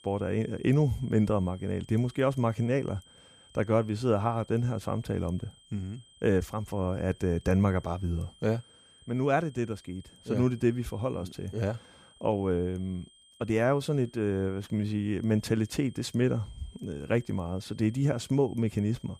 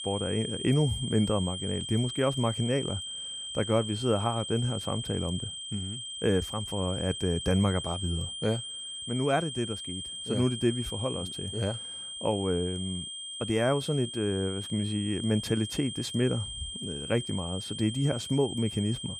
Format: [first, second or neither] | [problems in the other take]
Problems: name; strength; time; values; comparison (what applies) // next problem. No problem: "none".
first | high-pitched whine; loud; throughout; 3 kHz, 6 dB below the speech; faint in the first